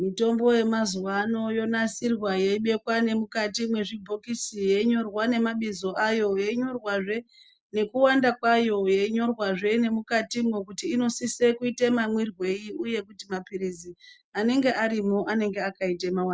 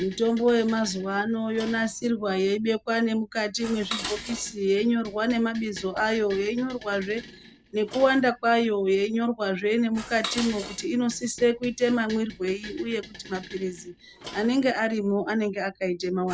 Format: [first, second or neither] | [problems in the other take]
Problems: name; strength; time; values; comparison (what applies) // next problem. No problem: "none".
first | background sound (Dishes, pots, and pans); 16 dB below the speech